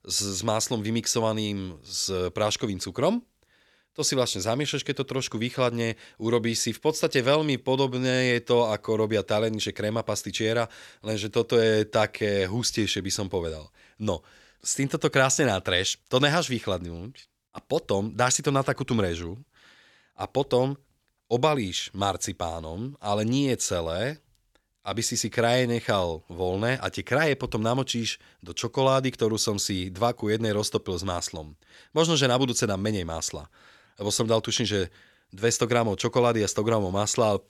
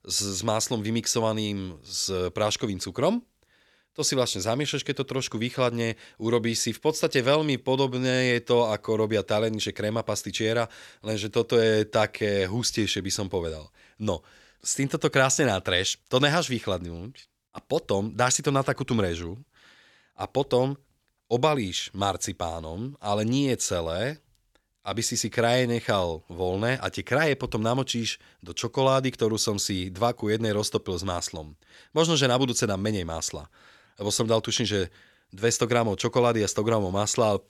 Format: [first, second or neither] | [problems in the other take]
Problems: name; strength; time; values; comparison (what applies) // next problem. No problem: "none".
neither | none